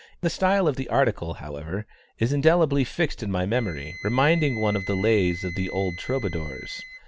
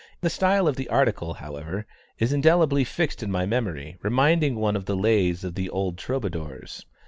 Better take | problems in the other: second | background sound (Wind instrument, woodwind instrument); 16 dB below the speech

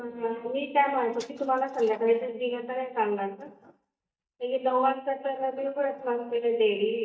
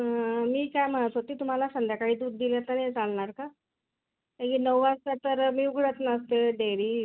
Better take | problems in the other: second | noise reduction (neural mask model DeepFilterNet 3)

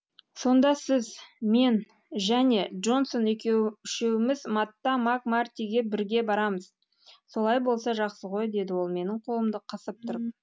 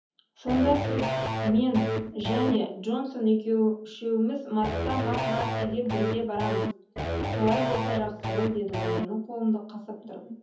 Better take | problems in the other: first | background sound (Electric guitar / Bass guitar); 1 dB below the speech // room echo; dies away in 0.7 s

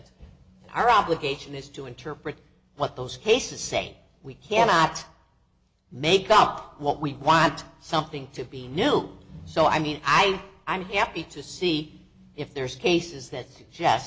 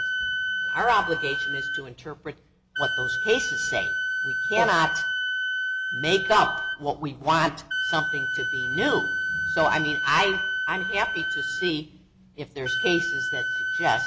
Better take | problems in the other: first | background sound (Wind instrument, woodwind instrument); as loud as the speech

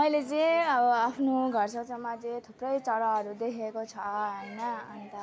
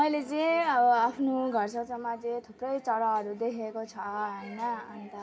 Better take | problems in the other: first | room echo; dies away in 0.3 s

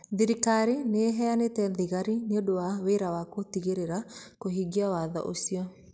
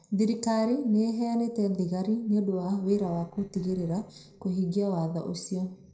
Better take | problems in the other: first | noise reduction (neural separator model SepFormer DNS4)

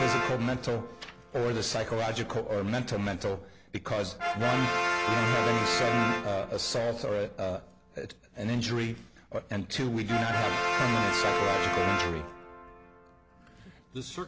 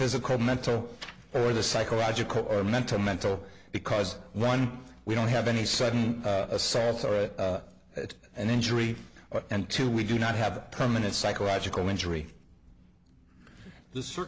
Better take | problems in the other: second | background sound (Brass instrument); 1 dB below the speech

